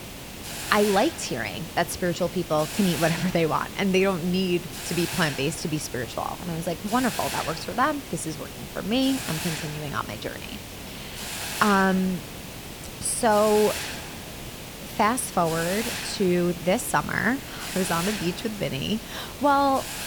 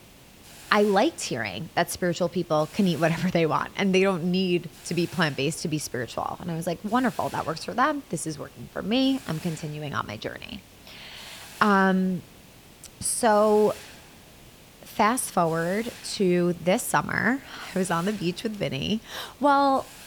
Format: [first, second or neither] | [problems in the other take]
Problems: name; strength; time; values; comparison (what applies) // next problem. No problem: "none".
second | hiss; loud; throughout; 8 dB below the speech; faint in the second